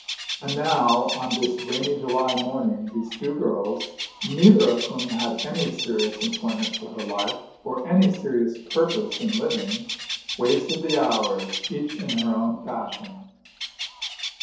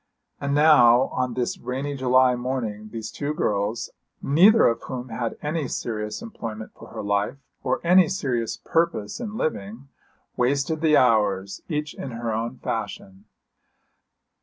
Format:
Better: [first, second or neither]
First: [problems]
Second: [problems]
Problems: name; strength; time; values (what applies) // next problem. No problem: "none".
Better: second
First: background sound (Bird); 9 dB below the speech // room echo; dies away in 2.2 s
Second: none